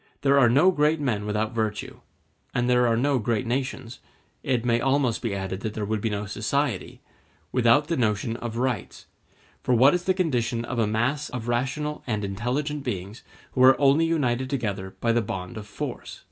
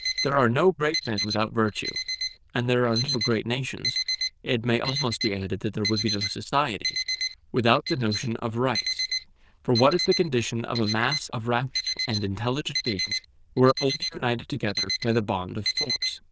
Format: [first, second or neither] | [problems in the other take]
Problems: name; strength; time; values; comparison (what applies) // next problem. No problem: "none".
first | noise reduction (neural diffusion model UNIVERSE++)